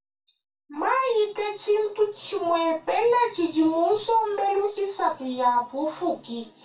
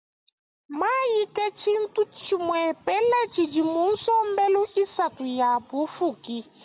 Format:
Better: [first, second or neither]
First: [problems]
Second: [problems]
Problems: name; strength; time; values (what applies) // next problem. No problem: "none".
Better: second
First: room echo; dies away in 0.2 s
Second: none